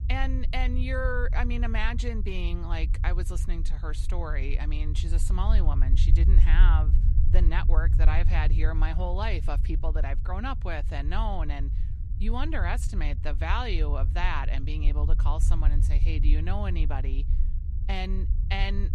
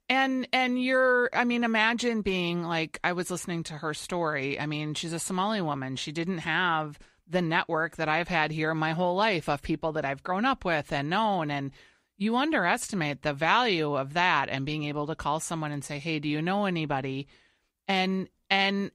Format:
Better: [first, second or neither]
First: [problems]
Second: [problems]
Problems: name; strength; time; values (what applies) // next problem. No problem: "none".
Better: second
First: low rumble; noticeable; throughout; 10 dB below the speech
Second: none